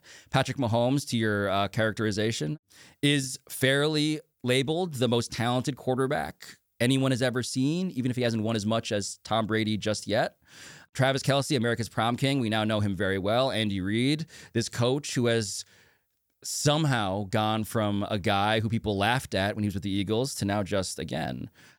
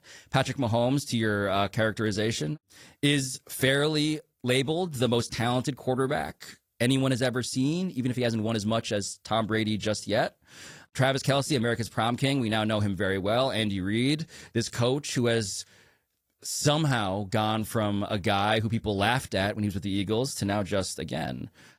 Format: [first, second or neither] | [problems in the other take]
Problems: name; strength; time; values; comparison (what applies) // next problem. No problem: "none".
first | garbled, watery; slightly; nothing above 15 kHz